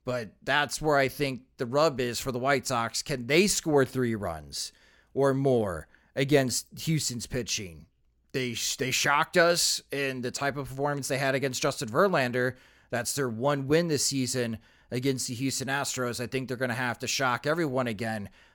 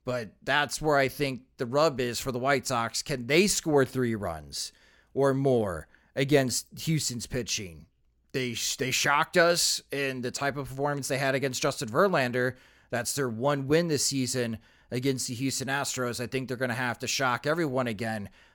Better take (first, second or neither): neither